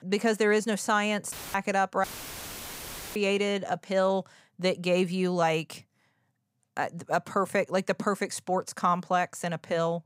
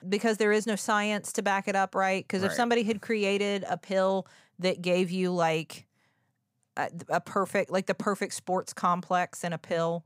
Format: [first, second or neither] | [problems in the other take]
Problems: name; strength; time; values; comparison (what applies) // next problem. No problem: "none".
second | audio cutting out; filled with static; at 1.5 s and at 2 s for 1 s